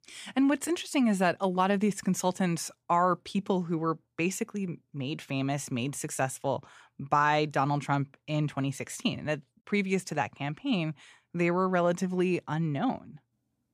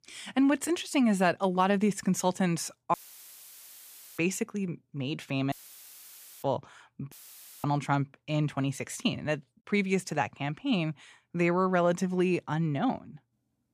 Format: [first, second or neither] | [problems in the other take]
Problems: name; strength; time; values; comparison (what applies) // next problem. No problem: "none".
first | audio cutting out; filled with static; at 3 s for 1 s, at 5.5 s for 1 s and at 7 s for 0.5 s